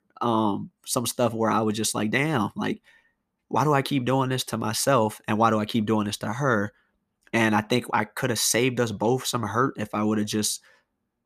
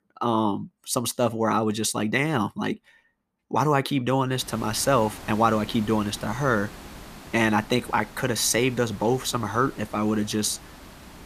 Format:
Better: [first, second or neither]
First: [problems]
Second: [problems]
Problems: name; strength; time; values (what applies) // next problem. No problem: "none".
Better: first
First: none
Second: hiss; noticeable; from 4.5 s on; 20 dB below the speech